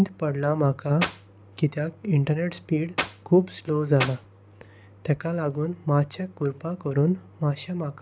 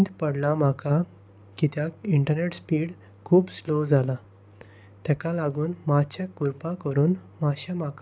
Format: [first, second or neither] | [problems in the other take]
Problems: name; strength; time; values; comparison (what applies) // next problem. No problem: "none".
second | background sound (Clapping); 6 dB below the speech